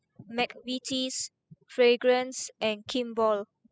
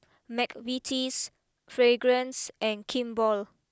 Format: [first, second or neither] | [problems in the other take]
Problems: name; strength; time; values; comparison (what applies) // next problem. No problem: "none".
second | noise reduction (classical method spectral subtraction)